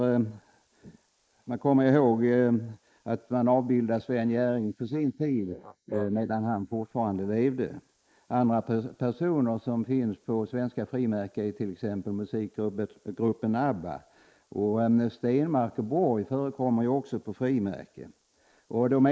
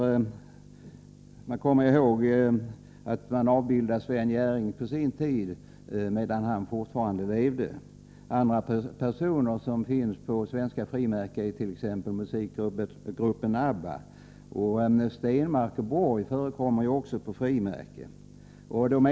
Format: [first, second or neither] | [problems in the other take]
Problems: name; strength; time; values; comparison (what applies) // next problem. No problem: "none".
second | noise reduction (neural mask model Resemble Enhance denoiser)